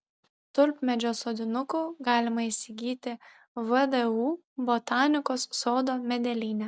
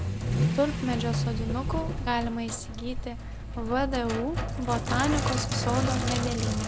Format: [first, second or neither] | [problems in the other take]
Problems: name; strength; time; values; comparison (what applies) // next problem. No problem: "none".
first | background sound (Accelerating, revving, vroom / Vehicle + Sink (filling or washing)); 1 dB above the speech